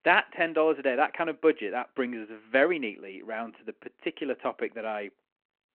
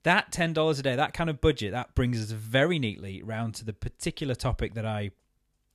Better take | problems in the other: second | phone-call audio

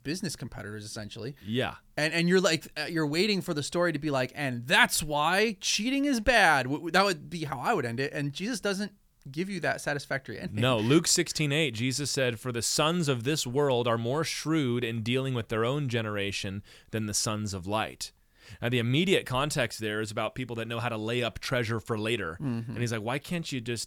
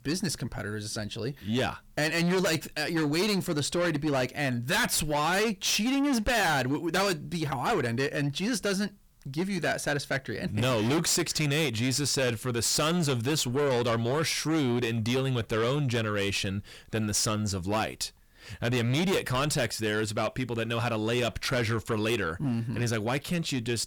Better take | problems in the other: first | distortion; heavy; 7 dB below the speech

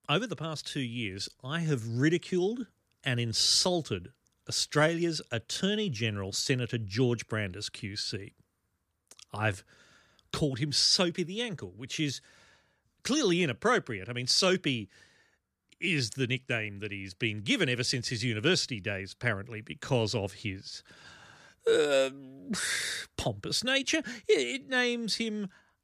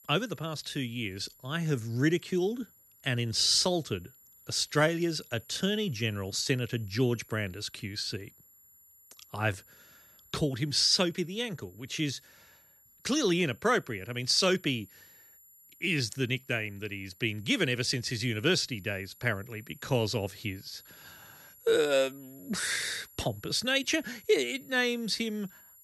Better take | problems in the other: first | high-pitched whine; faint; throughout; 11.5 kHz, 25 dB below the speech

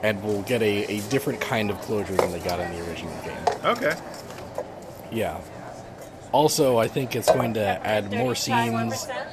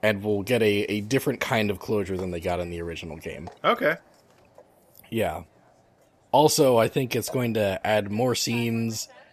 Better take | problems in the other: second | hiss; loud; throughout; 5 dB below the speech; faint in the second

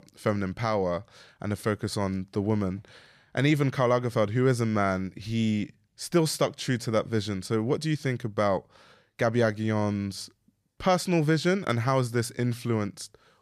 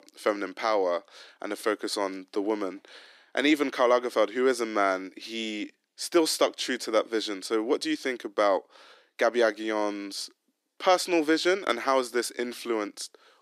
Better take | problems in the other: first | thin; somewhat; fading below 300 Hz

